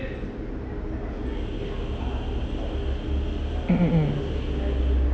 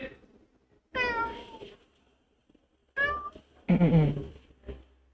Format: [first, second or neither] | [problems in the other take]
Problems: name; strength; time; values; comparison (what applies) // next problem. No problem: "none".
first | noise reduction (neural mask model RNNoise)